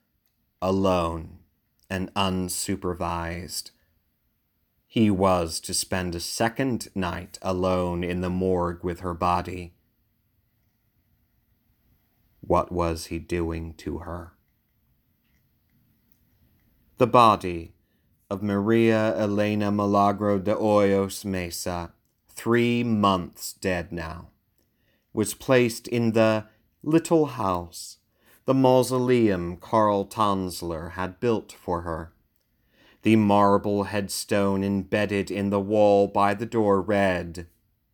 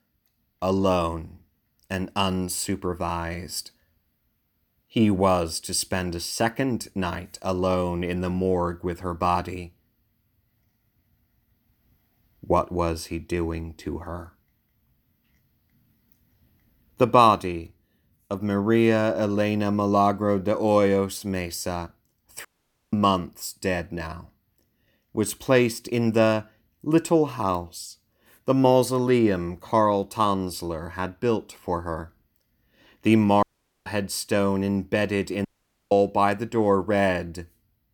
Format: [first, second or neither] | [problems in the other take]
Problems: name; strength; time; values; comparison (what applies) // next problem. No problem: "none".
first | audio cutting out; at 22 s, at 33 s and at 35 s